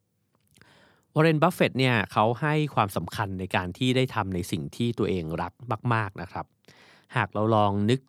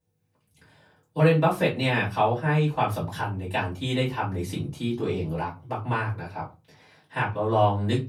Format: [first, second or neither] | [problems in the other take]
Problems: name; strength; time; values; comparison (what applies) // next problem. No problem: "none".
first | off-mic speech; far // room echo; very slight; dies away in 0.2 s